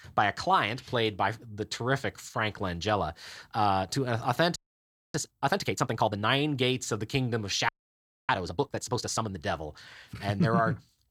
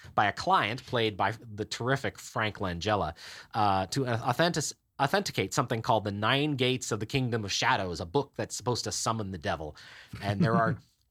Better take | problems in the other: second | audio freezing; at 4.5 s for 0.5 s and at 7.5 s for 0.5 s

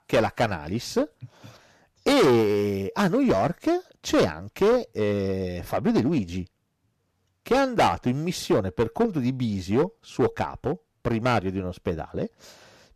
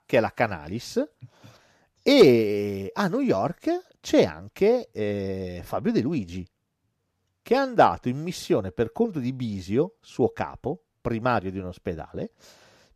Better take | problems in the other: second | distortion; heavy; 7% of the sound clipped

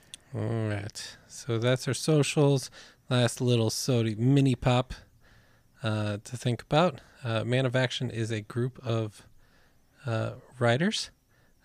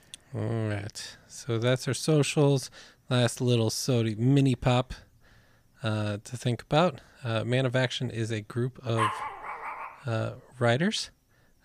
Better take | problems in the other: first | dog barking; noticeable; at 9 s; peak 2 dB below the speech

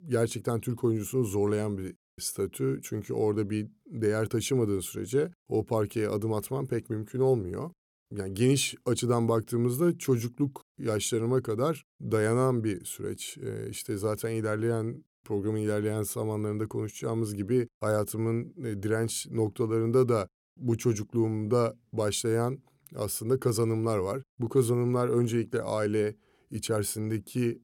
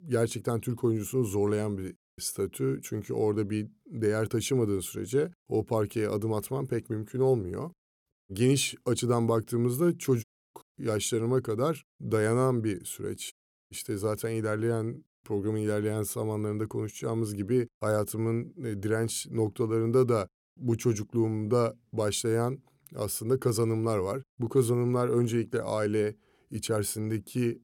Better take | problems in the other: first | audio cutting out; at 8 s, at 10 s and at 13 s

